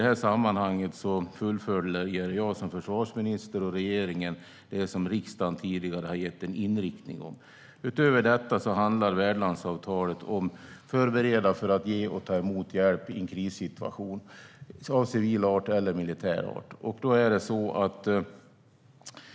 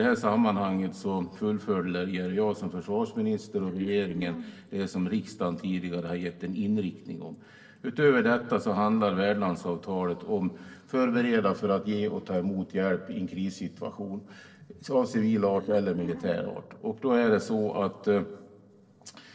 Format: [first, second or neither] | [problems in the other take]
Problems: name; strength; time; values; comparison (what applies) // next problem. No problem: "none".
first | noise reduction (neural separator model SepFormer DNS4)